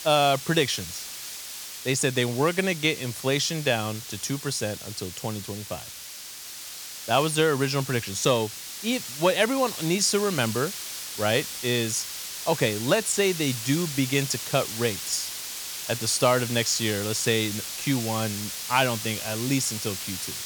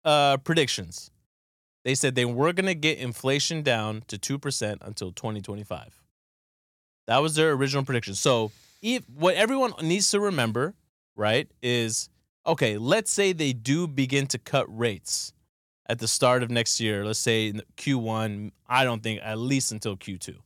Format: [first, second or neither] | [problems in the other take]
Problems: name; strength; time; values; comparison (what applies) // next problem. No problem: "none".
second | hiss; loud; throughout; 7 dB below the speech